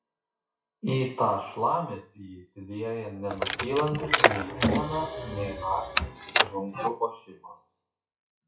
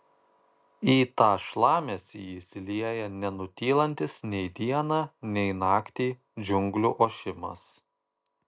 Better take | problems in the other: second | noise reduction (classical method WPE with log-MMSE)

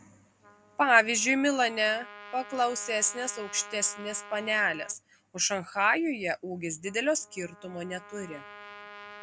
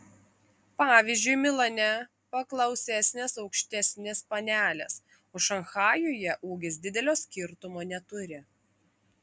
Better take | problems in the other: second | background sound (Trumpet); 19 dB below the speech

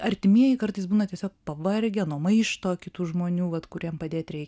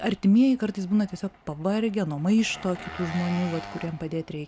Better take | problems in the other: first | background sound (Engine); 17 dB below the speech

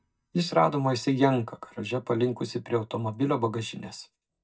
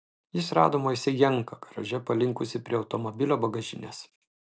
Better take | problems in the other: second | noise reduction (neural mask model DeepFilterNet 3)

